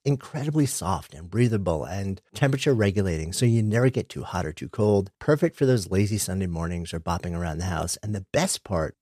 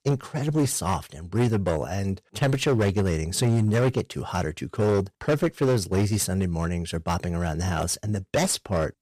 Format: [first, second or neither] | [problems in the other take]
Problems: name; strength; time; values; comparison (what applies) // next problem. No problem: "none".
first | distortion; slight; 10% of the sound clipped